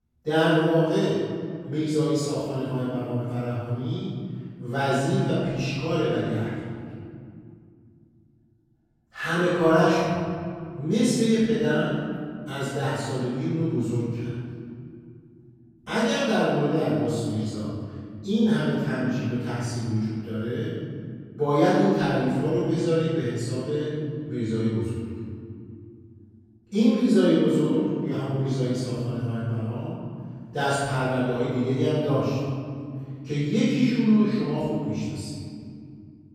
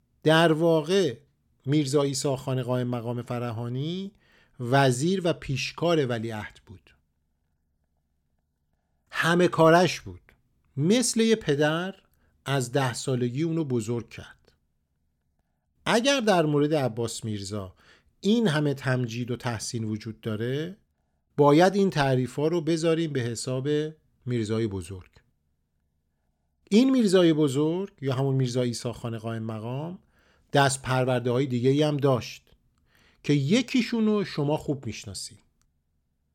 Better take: second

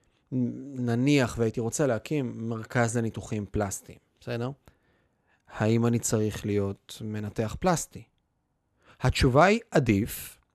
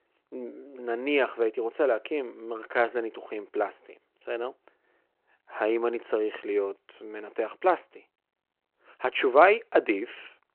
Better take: first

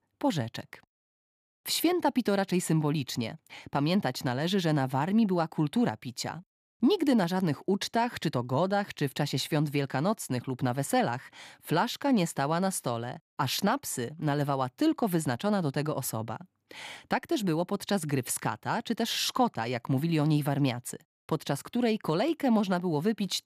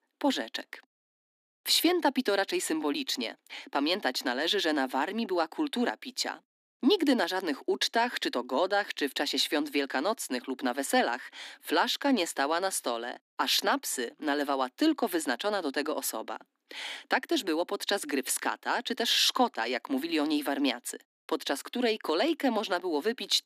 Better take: first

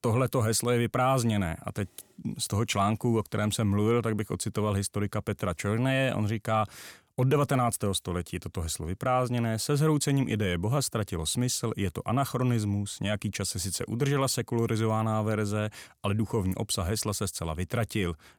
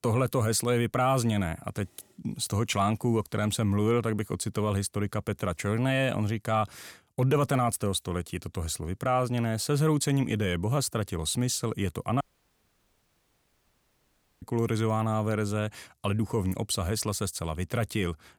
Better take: first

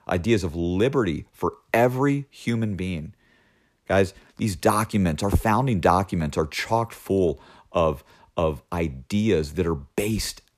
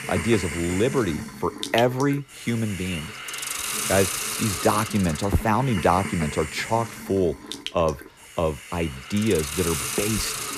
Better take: first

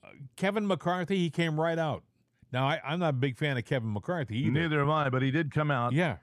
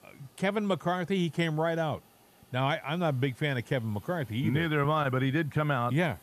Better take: first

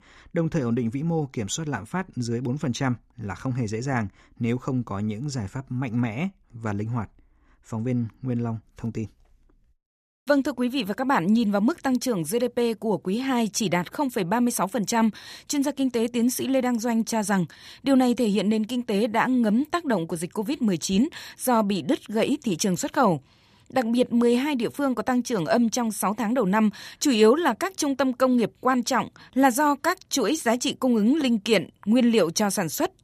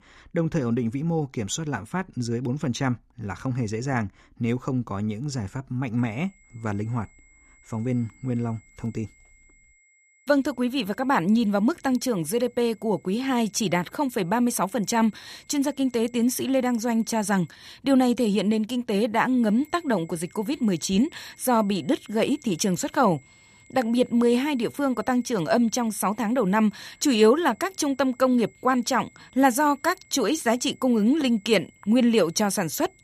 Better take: first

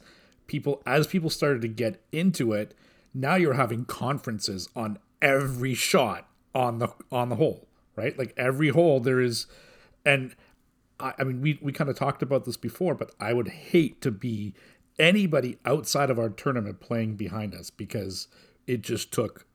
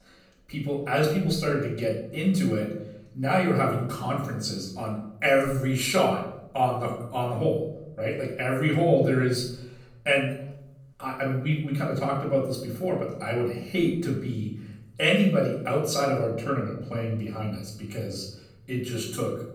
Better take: first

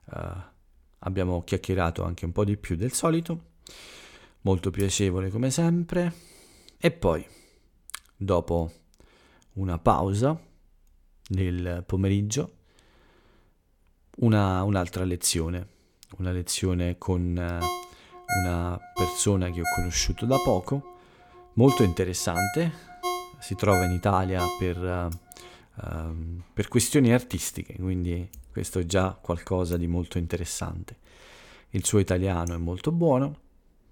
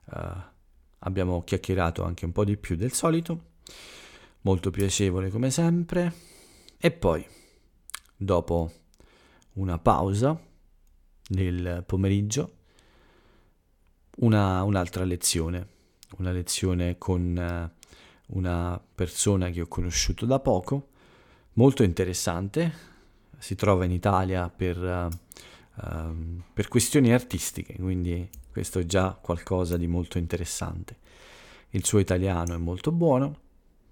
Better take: second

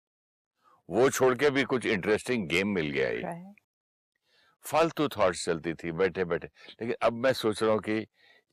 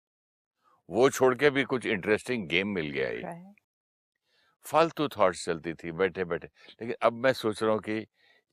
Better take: second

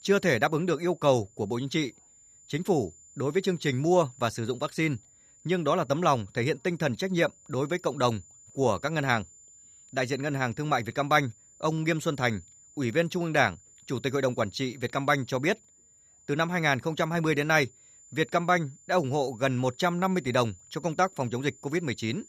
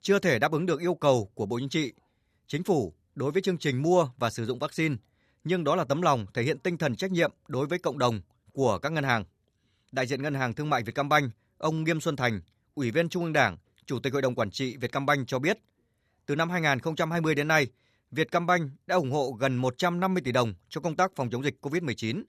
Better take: second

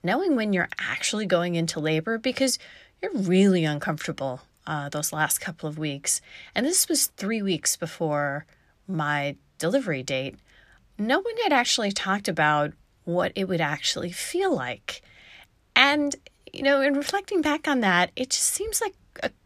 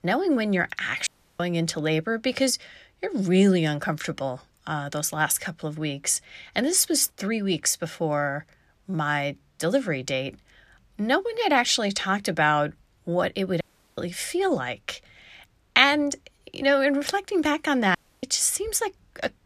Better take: first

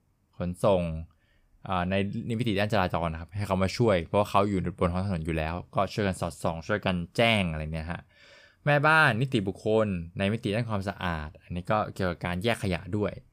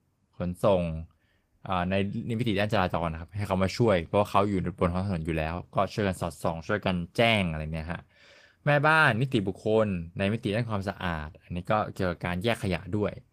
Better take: first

